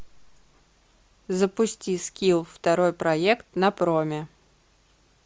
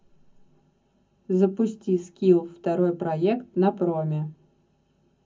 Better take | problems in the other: first | room echo; dies away in 0.3 s

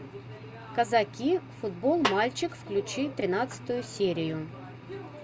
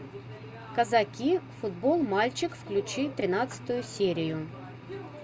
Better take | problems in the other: second | background sound (Snare drum); 5 dB below the speech

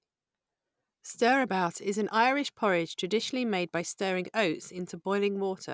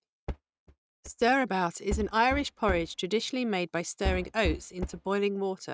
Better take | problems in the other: first | noise reduction (neural mask model RNNoise)

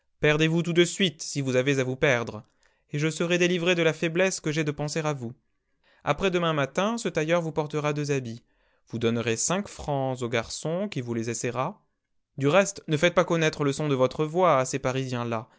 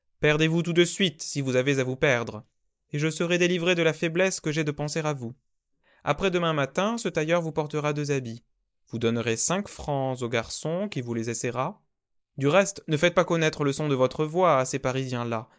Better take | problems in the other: first | noise reduction (neural mask model Resemble Enhance denoiser)

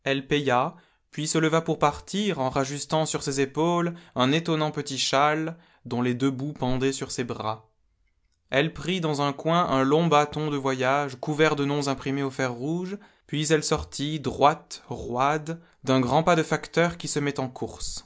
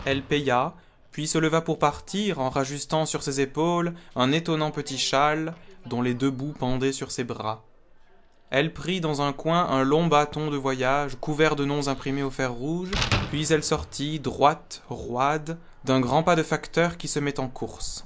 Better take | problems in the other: first | background sound (Slam); 13 dB below the speech

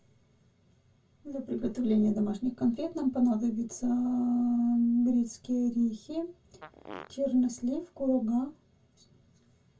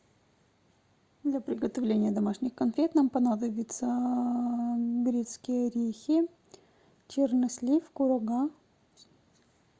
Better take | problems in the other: second | background sound (Fart); 18 dB below the speech // room echo; dies away in 0.1 s

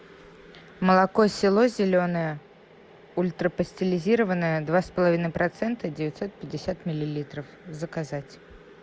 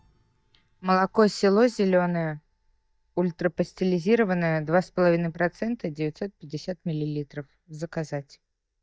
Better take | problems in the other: first | noise reduction (neural mask model DeepFilterNet 3)

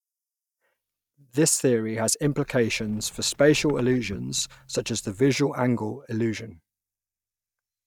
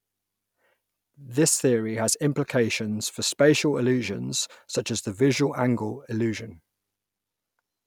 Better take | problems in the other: second | noise reduction (neural mask model DeepFilterNet 3)

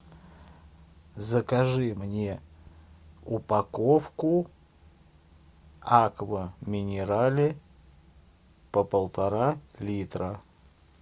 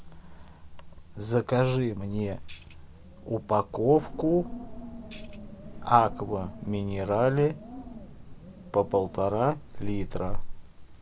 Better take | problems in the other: first | background sound (Tambourine + Wind); 8 dB below the speech

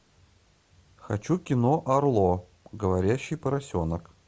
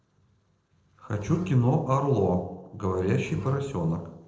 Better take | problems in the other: first | noise reduction (neural separator model SepFormer DNS4)

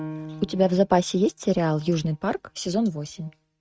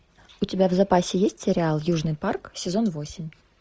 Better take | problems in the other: second | noise reduction (neural mask model RNNoise)

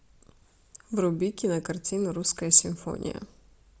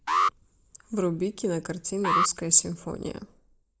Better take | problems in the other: first | noise reduction (neural mask model Resemble Enhance denoiser)

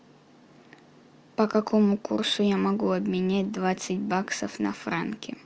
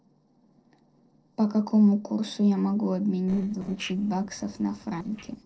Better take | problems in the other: first | noise reduction (neural separator model SepFormer DNS4)

